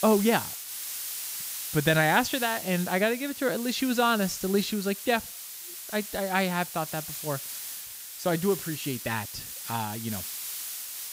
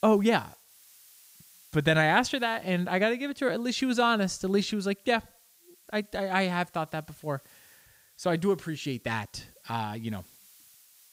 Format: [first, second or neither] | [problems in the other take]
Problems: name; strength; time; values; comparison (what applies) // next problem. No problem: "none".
second | hiss; loud; throughout; 7 dB below the speech; faint in the second